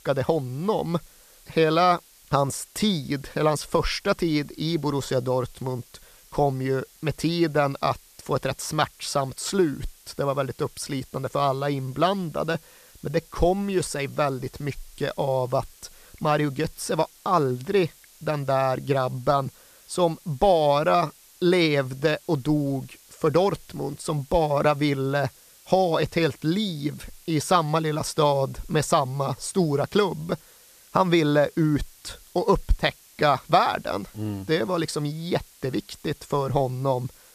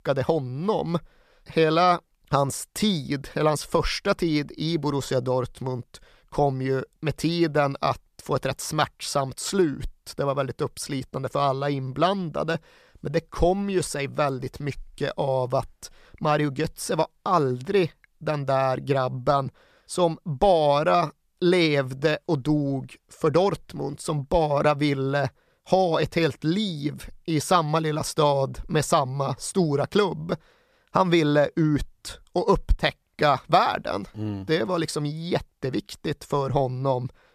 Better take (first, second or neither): second